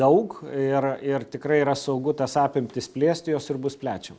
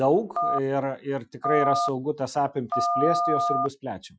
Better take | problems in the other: first | noise reduction (classical method Wiener filter)

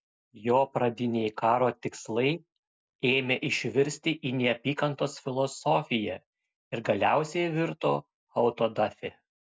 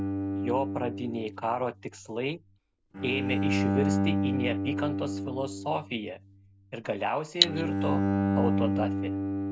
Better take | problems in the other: first | background sound (Bowed string instrument + Cutlery, silverware); 4 dB above the speech

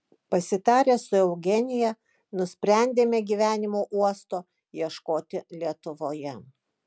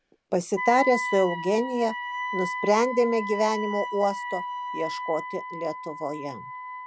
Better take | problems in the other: first | background sound (Wind instrument, woodwind instrument); 6 dB below the speech

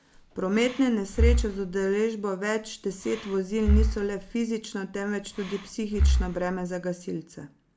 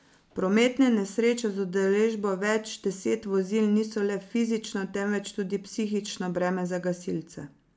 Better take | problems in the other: second | background sound (Breathing); as loud as the speech

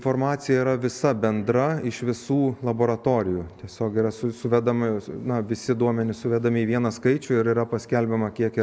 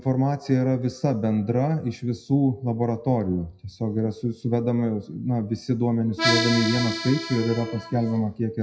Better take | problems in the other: first | noise reduction (classical method WPE with log-MMSE)

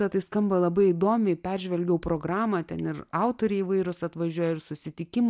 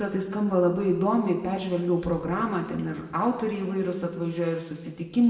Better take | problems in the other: first | room echo; dies away in 1.1 s

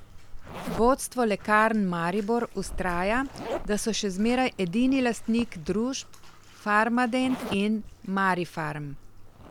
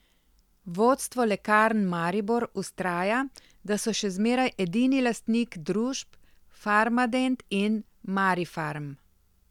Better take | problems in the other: second | background sound (Zipper (clothing) + Bathtub (filling or washing)); 12 dB below the speech

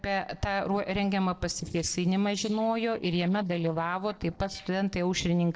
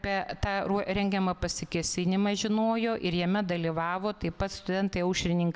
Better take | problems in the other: second | noise reduction (neural separator model SepFormer DNS4)

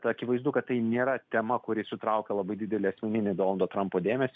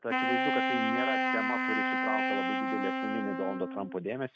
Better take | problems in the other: first | noise reduction (neural mask model RNNoise)

